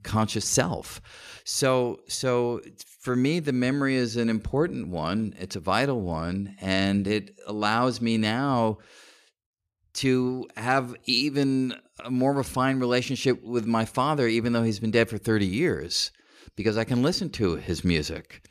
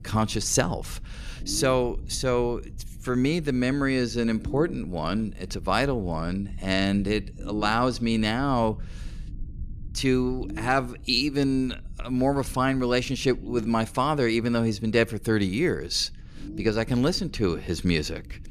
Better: first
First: none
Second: low rumble; faint; throughout; 25 dB below the speech

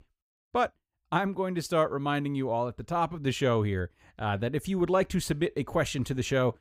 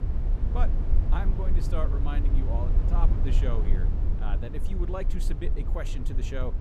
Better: first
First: none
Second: low rumble; loud; throughout; 5 dB below the speech

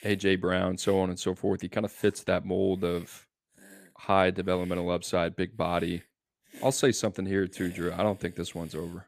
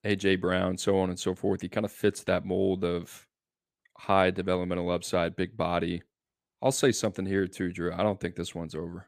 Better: second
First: hiss; faint; throughout; 25 dB below the speech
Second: none

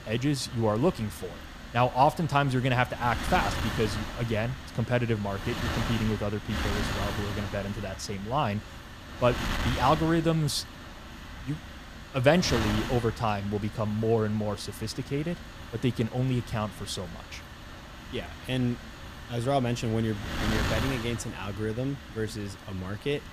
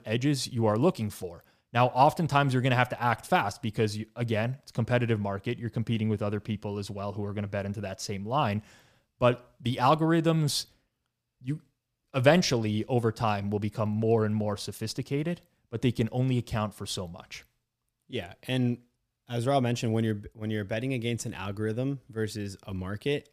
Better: second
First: wind noise on the microphone; heavy; 8 dB below the speech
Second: none

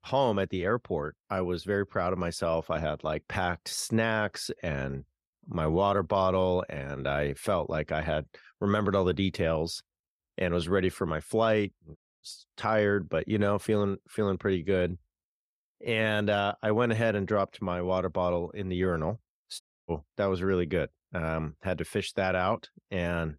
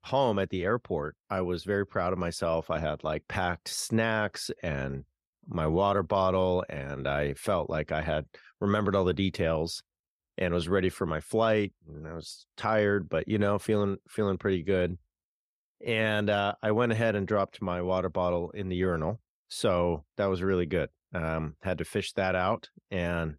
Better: second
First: audio cutting out; at 12 s and at 20 s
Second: none

